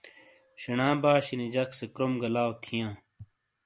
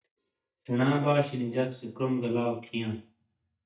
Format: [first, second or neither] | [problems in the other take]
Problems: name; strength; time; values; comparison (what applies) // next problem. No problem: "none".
first | noise reduction (neural mask model DeepFilterNet 3)